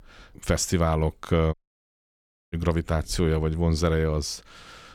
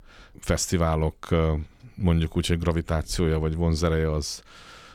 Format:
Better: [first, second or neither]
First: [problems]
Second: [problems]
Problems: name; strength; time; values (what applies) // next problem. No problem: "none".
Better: second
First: audio cutting out; at 1.5 s for 1 s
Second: none